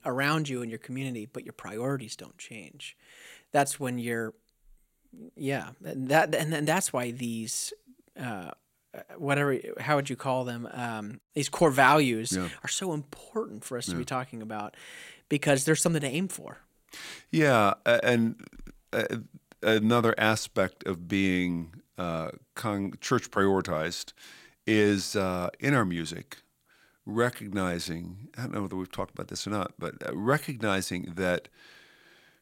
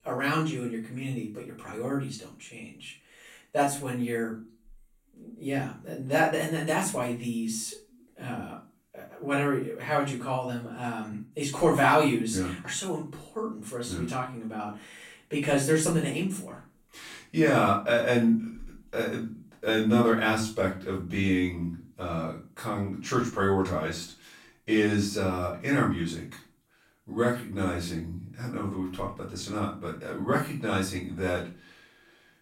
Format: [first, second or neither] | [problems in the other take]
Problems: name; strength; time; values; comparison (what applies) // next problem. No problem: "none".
first | off-mic speech; far // room echo; slight; dies away in 0.3 s